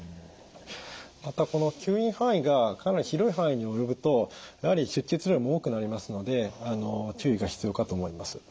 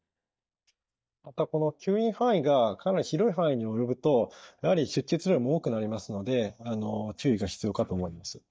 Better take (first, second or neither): first